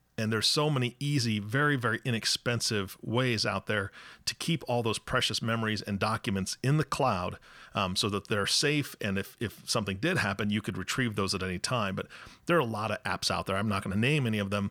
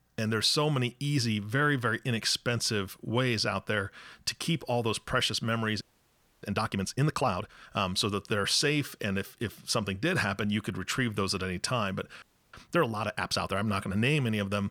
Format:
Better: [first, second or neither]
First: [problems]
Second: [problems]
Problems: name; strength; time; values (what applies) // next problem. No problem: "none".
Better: first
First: none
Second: audio freezing; at 6 s for 0.5 s and at 12 s